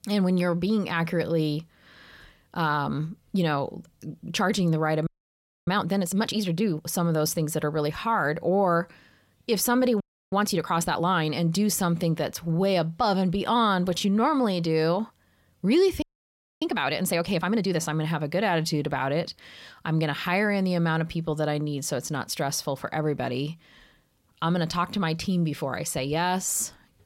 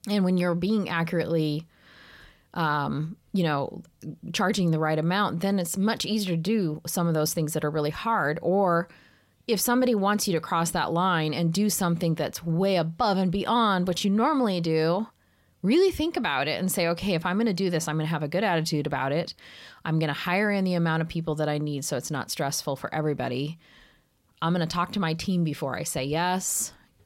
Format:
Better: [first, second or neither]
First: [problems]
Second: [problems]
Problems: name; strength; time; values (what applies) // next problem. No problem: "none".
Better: second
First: audio freezing; at 5 s for 0.5 s, at 10 s and at 16 s for 0.5 s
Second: none